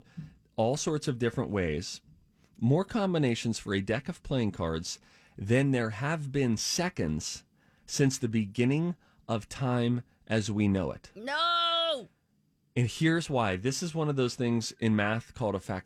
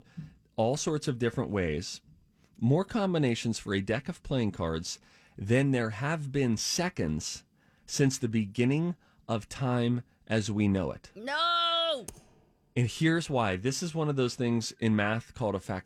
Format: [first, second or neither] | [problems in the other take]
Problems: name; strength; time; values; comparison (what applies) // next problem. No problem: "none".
first | keyboard typing; faint; at 12 s; peak 20 dB below the speech